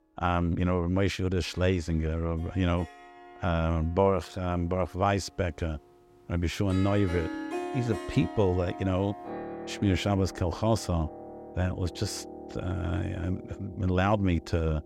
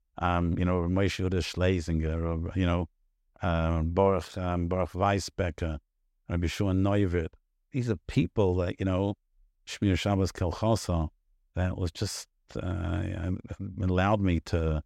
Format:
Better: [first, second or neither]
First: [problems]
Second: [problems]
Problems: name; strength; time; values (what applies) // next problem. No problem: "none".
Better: second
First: background music; noticeable; throughout; 10 dB below the speech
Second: none